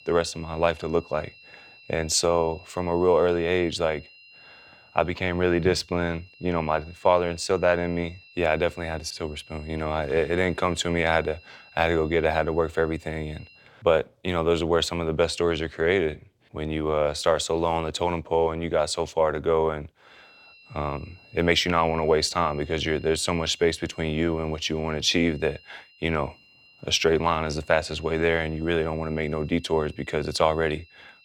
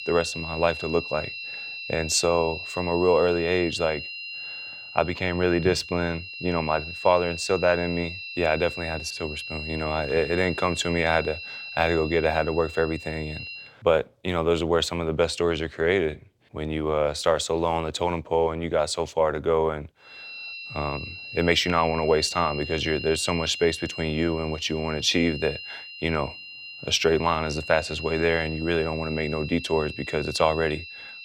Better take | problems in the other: first | high-pitched whine; loud; until 14 s and from 20 s on; 2.5 kHz, 10 dB below the speech; faint in the first

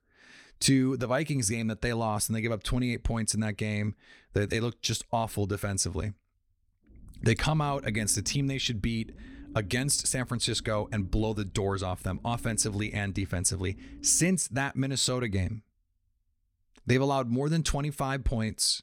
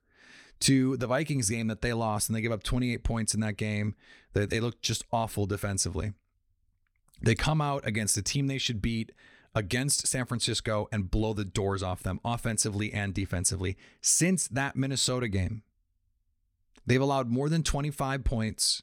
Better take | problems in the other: second | low rumble; faint; from 7 to 14 s; 25 dB below the speech

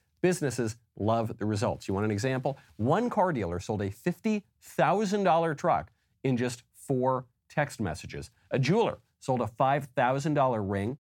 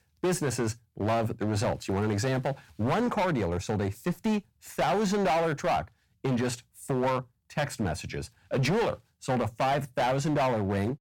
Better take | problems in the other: first | distortion; heavy; 16% of the sound clipped

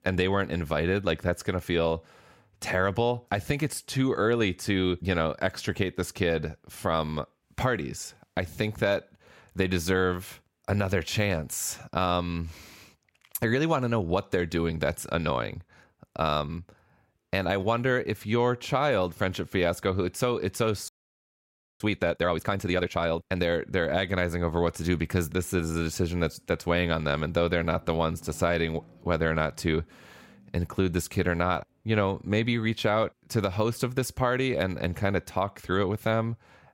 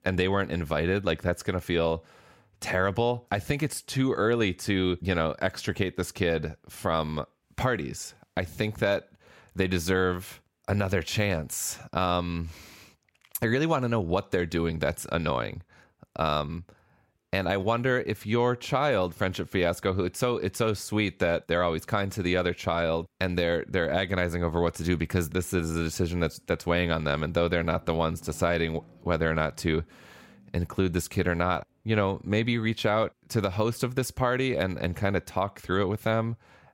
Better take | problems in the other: second | audio freezing; at 21 s for 1 s

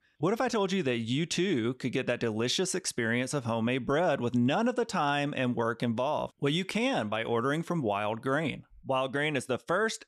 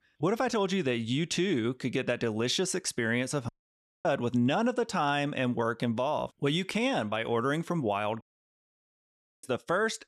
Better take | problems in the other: first | audio cutting out; at 3.5 s for 0.5 s and at 8 s for 1 s

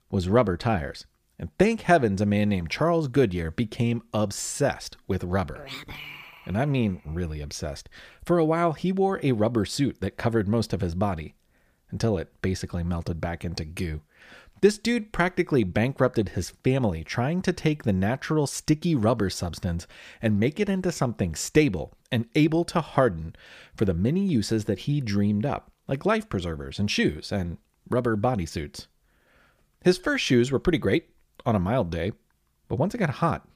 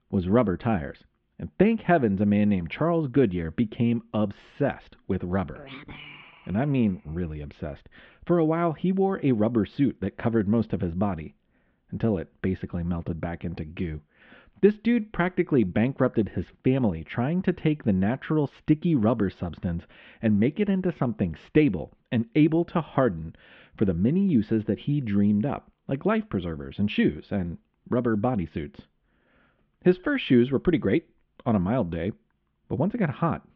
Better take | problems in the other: first | muffled; very; fading above 3 kHz

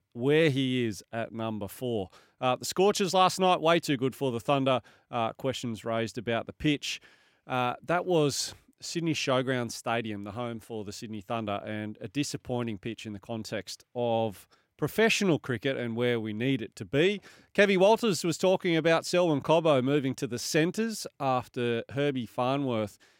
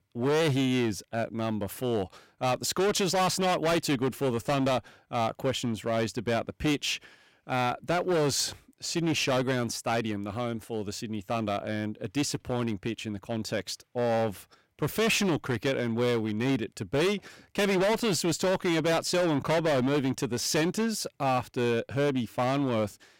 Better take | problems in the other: first | distortion; heavy; 14% of the sound clipped

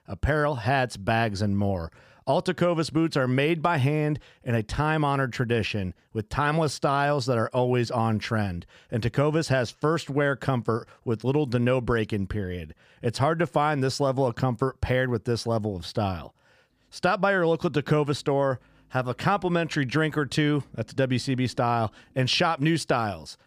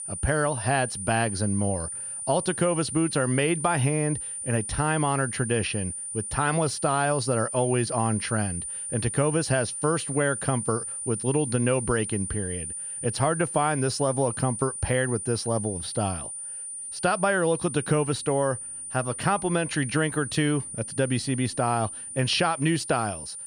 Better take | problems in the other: first | high-pitched whine; loud; throughout; 9.5 kHz, 6 dB below the speech

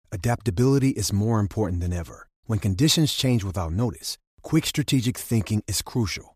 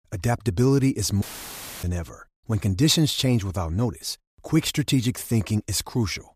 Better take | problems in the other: first | audio cutting out; filled with static; at 1 s for 0.5 s

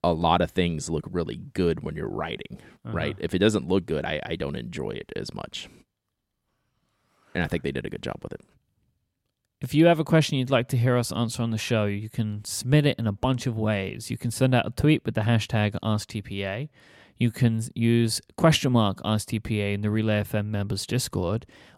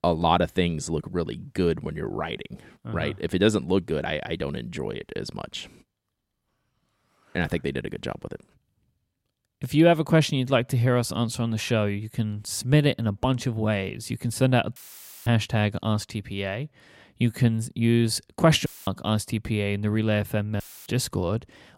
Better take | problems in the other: first | audio cutting out; filled with static; at 15 s for 0.5 s, at 19 s and at 21 s

